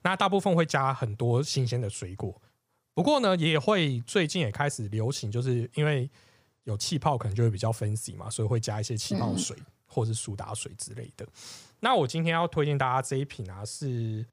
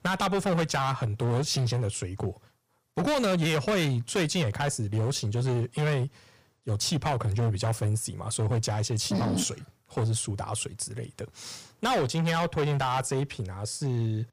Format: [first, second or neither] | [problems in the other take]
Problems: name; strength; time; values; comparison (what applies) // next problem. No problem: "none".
first | distortion; heavy; 14% of the sound clipped